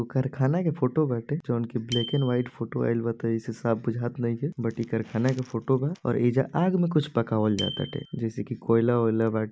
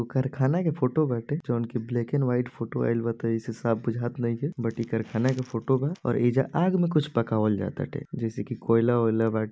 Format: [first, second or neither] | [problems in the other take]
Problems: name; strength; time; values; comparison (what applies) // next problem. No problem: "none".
second | background sound (Bicycle bell); 19 dB below the speech